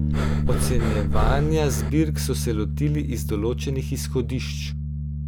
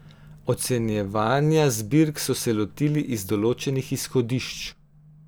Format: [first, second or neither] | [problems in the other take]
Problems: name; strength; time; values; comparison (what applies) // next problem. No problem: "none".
second | background sound (Breathing + Bass guitar); 3 dB above the speech